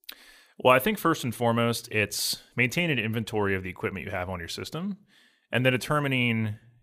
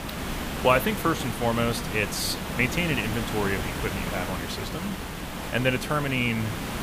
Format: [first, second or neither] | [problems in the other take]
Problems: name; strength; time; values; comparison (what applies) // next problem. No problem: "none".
first | hiss; loud; throughout; 5 dB below the speech